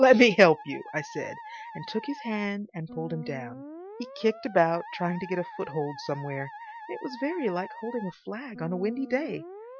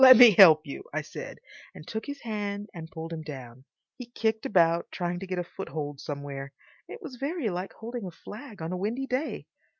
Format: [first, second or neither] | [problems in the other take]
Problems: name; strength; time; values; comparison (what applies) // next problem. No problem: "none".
second | noise reduction (classical method Wiener filter)